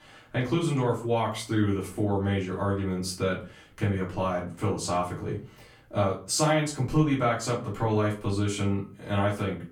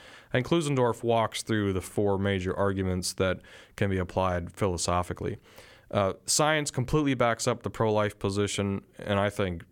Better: second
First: off-mic speech; far // room echo; slight; dies away in 0.3 s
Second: none

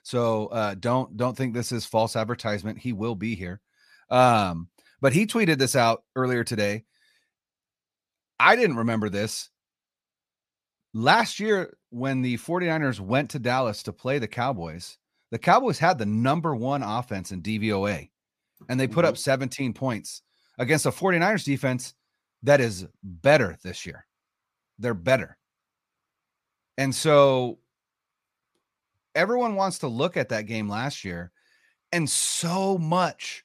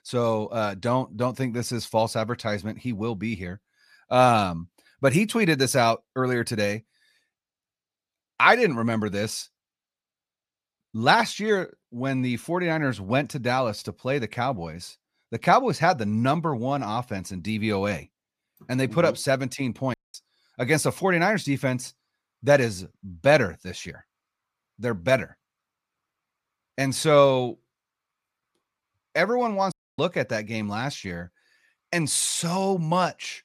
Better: first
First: none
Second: audio cutting out; at 20 s and at 30 s

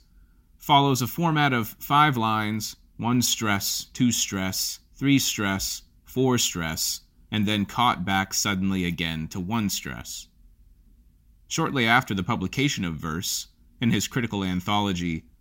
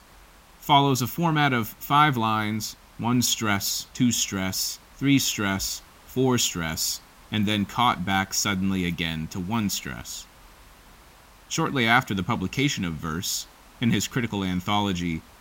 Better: first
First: none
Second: hiss; faint; throughout; 25 dB below the speech

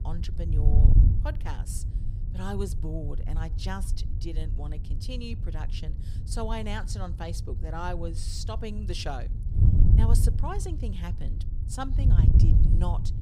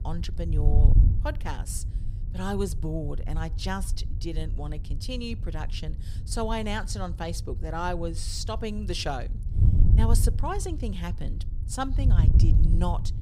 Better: second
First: wind noise on the microphone; heavy; 5 dB below the speech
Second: wind noise on the microphone; occasional gusts; 10 dB below the speech

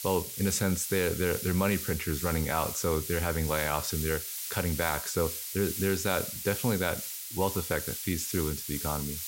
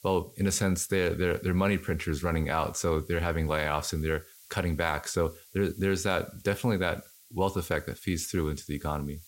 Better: second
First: hiss; loud; throughout; 4 dB below the speech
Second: hiss; faint; throughout; 25 dB below the speech

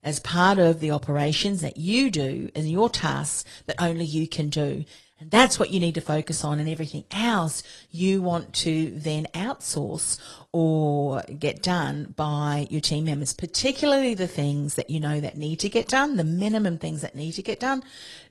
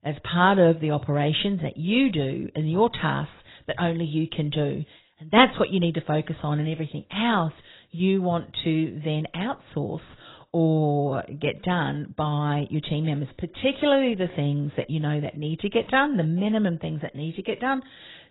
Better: first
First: garbled, watery; slightly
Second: garbled, watery; badly; nothing above 4 kHz

